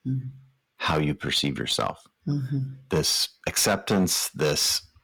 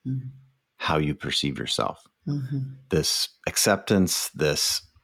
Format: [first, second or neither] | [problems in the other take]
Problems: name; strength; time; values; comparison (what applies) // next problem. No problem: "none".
second | distortion; slight; 4% of the sound clipped